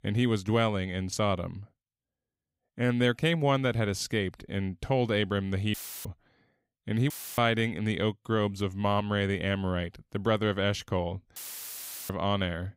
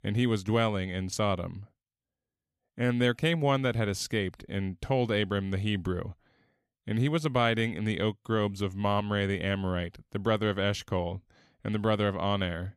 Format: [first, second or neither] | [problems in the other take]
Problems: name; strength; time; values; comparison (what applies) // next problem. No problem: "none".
second | audio cutting out; filled with static; at 5.5 s, at 7 s and at 11 s for 0.5 s